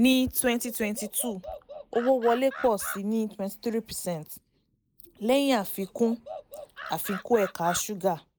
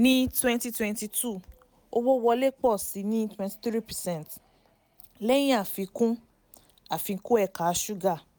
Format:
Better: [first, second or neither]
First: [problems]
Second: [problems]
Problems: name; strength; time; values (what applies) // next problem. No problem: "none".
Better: second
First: noise reduction (neural mask model Resemble Enhance denoiser)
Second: none